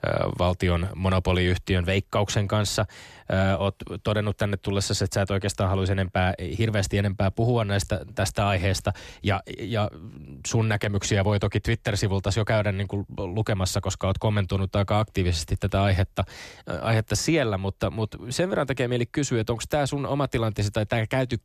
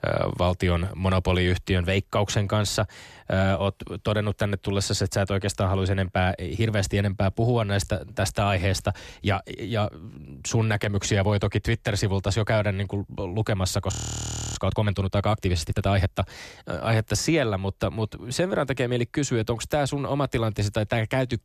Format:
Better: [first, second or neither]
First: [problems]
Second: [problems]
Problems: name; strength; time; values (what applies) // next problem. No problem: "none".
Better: first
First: none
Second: audio freezing; at 14 s for 0.5 s